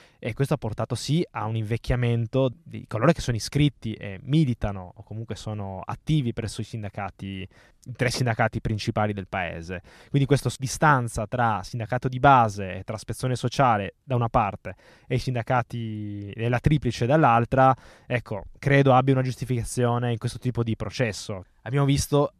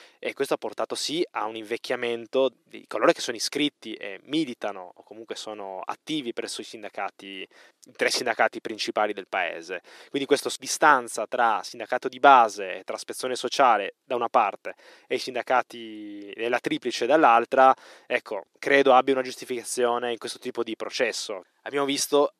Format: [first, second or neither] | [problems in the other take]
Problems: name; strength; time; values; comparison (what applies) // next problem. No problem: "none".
first | thin; somewhat; fading below 350 Hz